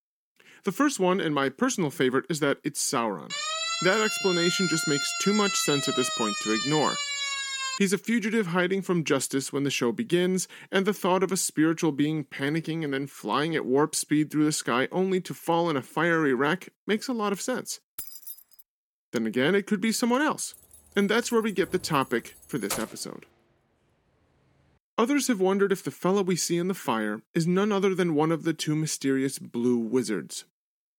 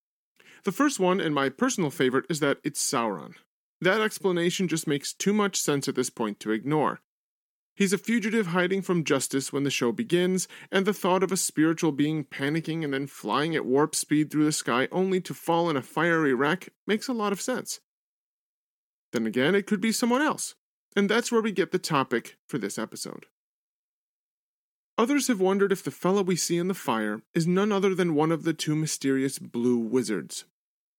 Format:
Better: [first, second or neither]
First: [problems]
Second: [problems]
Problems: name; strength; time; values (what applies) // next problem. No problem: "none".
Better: second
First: siren; noticeable; from 3.5 to 8 s; peak level with the speech // jangling keys; noticeable; at 18 s and from 21 to 23 s; peak 7 dB below the speech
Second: none